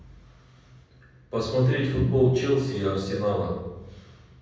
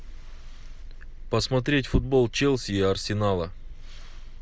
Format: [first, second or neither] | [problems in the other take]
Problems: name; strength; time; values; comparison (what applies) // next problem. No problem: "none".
second | room echo; dies away in 1.1 s